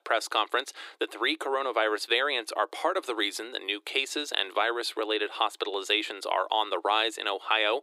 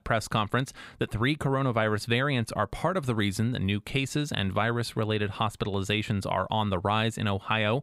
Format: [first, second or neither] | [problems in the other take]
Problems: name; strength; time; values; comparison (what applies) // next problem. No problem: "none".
second | thin; very; fading below 300 Hz